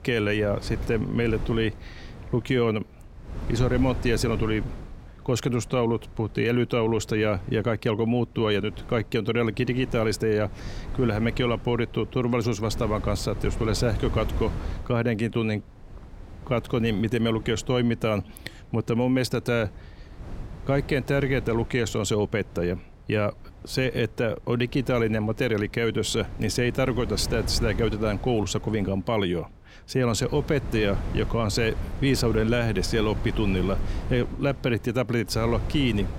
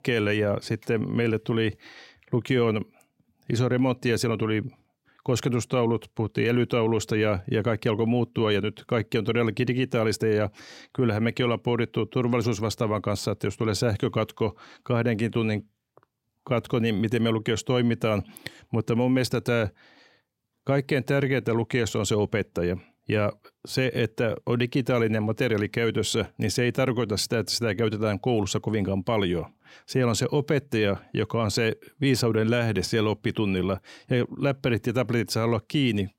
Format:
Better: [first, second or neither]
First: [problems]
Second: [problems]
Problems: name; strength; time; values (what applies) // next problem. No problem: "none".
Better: second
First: wind noise on the microphone; occasional gusts; 15 dB below the speech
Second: none